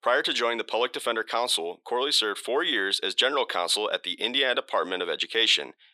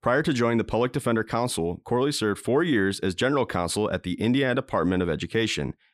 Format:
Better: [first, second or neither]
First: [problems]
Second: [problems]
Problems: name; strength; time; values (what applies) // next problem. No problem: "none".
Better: second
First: thin; very; fading below 450 Hz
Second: none